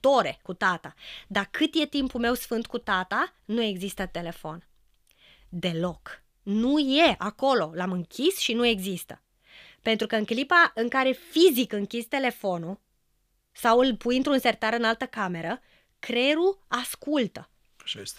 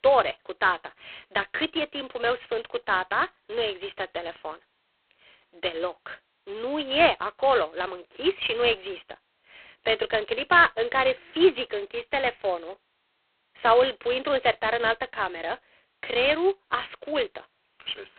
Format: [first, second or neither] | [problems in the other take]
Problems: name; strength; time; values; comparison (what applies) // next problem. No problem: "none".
first | phone-call audio; poor line